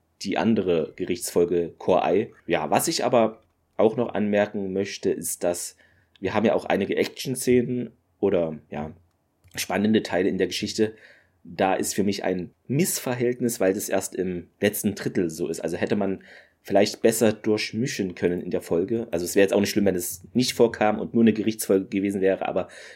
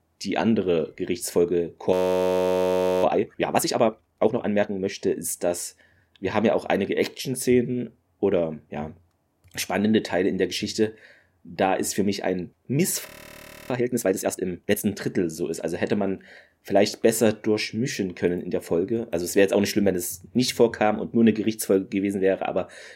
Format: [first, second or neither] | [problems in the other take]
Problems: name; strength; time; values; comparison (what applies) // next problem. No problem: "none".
first | audio freezing; at 2 s for 1 s and at 13 s for 0.5 s